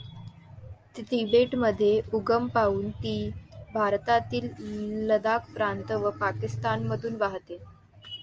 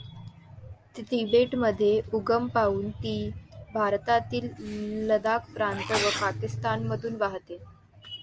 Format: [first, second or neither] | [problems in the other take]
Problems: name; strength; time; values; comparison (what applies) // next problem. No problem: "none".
first | background sound (Sneeze); 8 dB below the speech